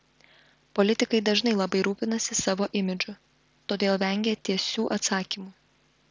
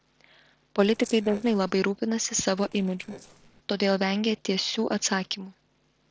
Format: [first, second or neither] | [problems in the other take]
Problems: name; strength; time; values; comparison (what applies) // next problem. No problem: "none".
first | noise reduction (neural separator model SepFormer DNS4)